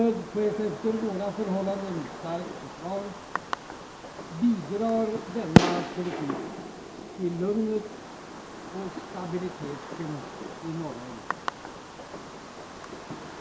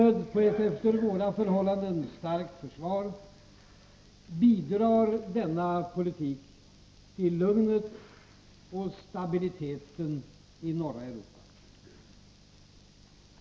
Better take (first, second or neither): second